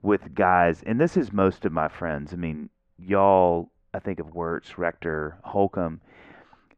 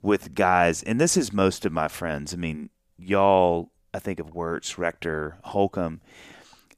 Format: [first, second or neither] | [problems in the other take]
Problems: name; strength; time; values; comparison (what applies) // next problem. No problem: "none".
second | muffled; very; fading above 1.5 kHz